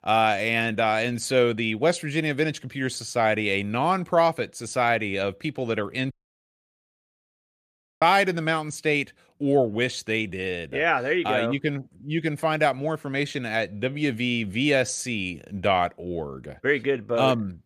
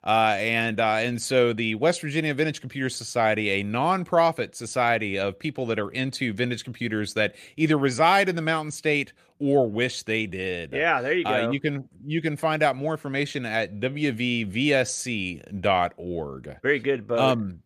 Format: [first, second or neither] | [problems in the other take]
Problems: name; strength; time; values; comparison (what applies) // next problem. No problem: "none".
second | audio cutting out; at 6 s for 2 s